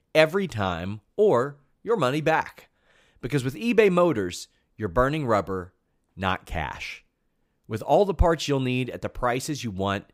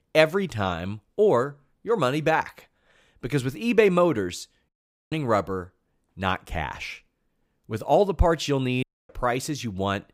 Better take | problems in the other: first | audio cutting out; at 4.5 s and at 9 s

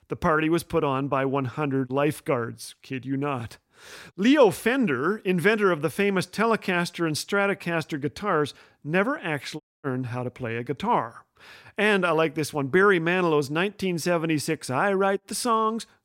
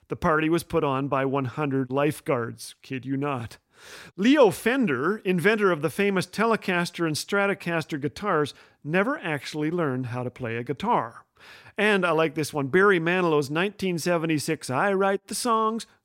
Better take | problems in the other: second | audio cutting out; at 9.5 s

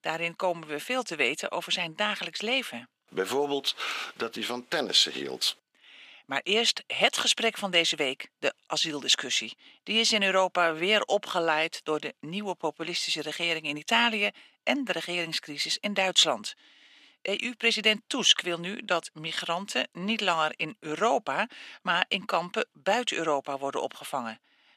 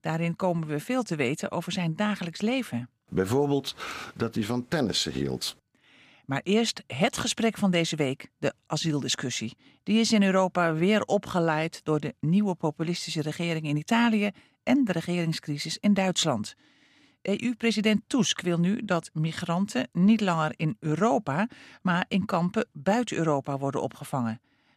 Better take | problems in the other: second | thin; somewhat; fading below 450 Hz

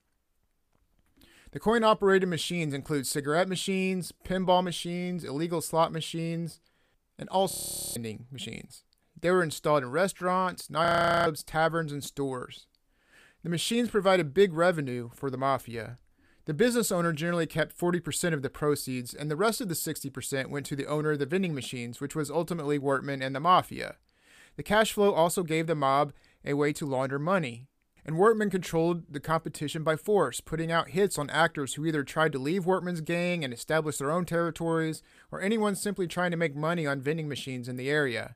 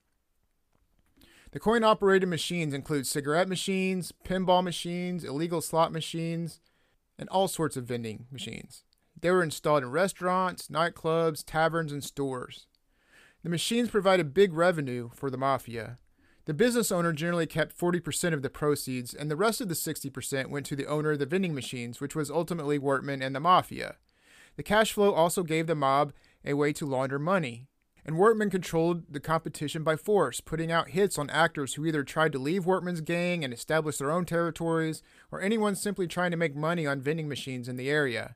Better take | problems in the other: second | audio freezing; at 7.5 s and at 11 s

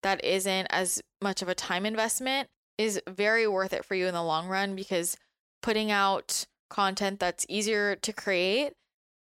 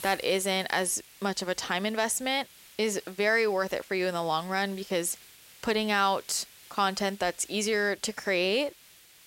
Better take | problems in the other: first | hiss; faint; throughout; 20 dB below the speech

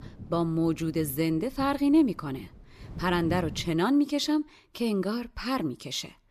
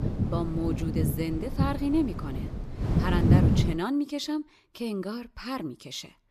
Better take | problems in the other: first | wind noise on the microphone; heavy; until 4 s; 2 dB below the speech; occasional gusts in the first

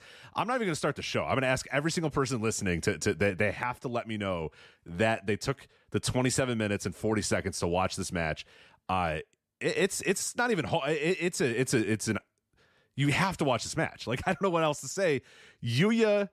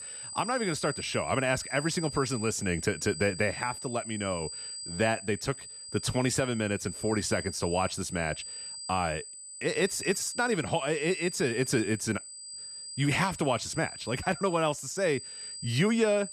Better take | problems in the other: first | high-pitched whine; loud; throughout; 8 kHz, 9 dB below the speech

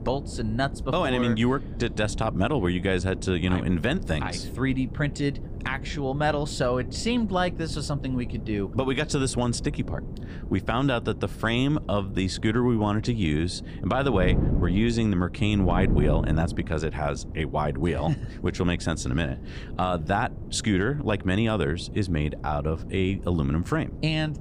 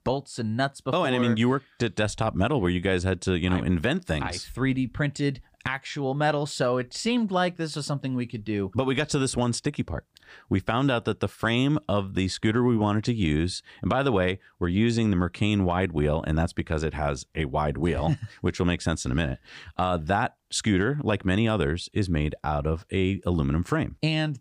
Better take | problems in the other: second | wind noise on the microphone; occasional gusts; 15 dB below the speech

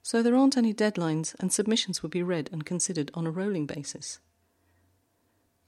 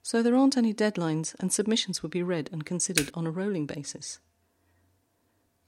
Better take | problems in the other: first | keyboard typing; noticeable; at 3 s; peak 2 dB below the speech

